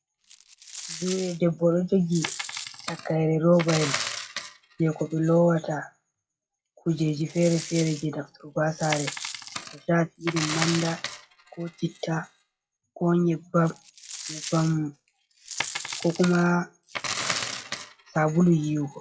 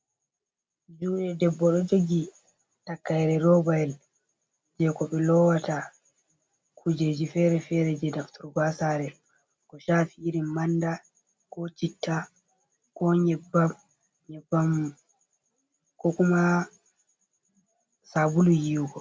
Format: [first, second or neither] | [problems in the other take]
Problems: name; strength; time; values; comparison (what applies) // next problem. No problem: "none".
second | noise reduction (classical method log-MMSE)